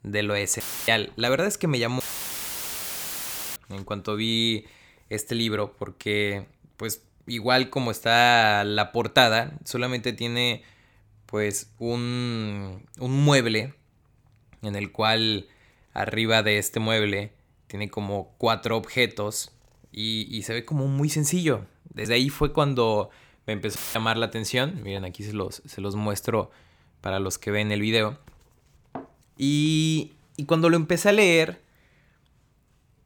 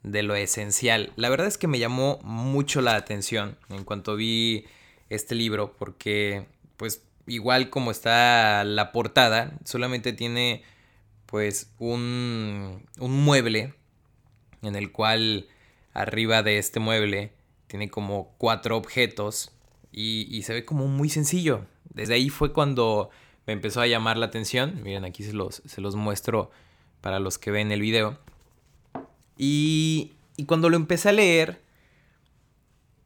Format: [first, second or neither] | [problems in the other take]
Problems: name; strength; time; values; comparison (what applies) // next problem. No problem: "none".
second | audio cutting out; filled with static; at 0.5 s, at 2 s for 1.5 s and at 24 s